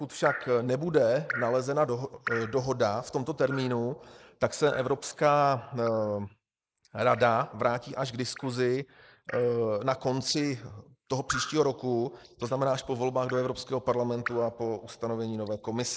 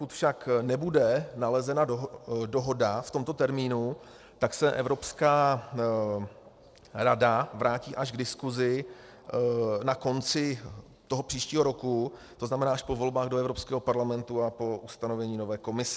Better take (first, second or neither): second